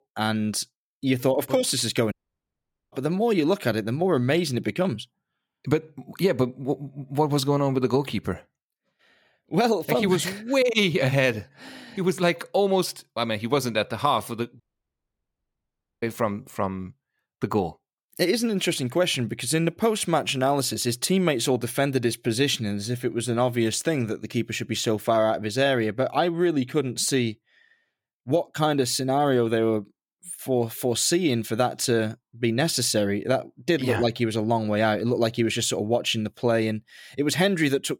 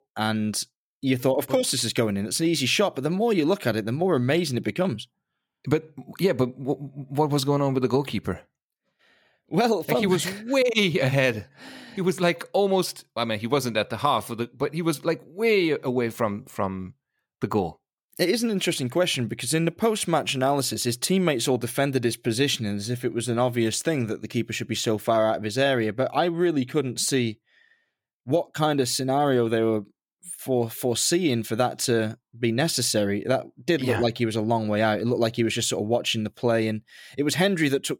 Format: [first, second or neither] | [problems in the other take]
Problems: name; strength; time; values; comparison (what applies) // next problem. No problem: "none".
second | audio cutting out; at 2 s for 1 s and at 15 s for 1.5 s